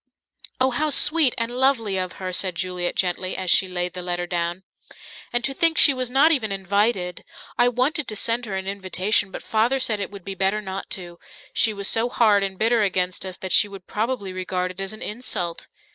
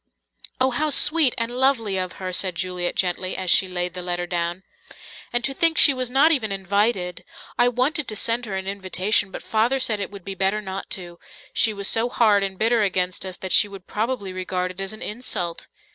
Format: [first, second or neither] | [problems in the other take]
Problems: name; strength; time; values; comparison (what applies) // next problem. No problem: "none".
second | noise reduction (neural mask model Resemble Enhance denoiser)